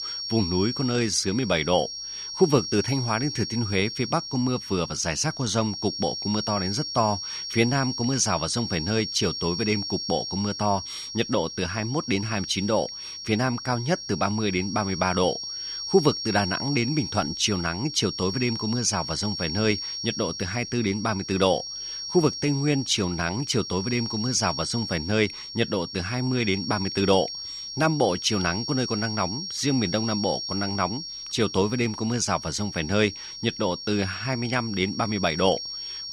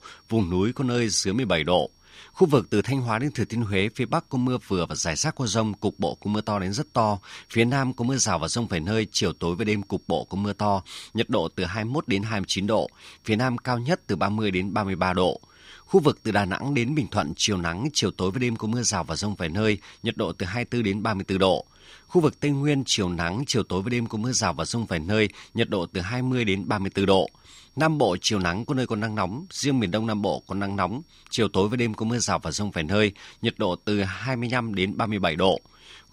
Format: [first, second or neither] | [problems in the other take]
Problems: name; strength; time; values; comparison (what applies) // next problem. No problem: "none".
second | high-pitched whine; loud; throughout; 5.5 kHz, 6 dB below the speech; faint in the second